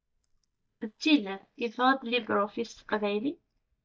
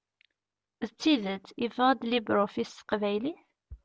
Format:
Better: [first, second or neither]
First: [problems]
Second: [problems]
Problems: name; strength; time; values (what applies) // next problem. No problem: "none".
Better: second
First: noise reduction (neural mask model DeepFilterNet 3)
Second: none